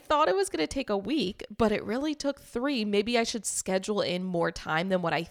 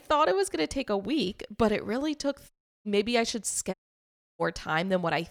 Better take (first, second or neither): first